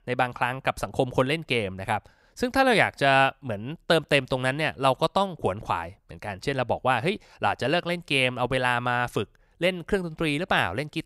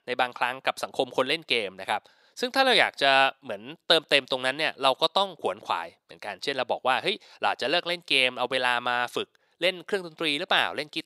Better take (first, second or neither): first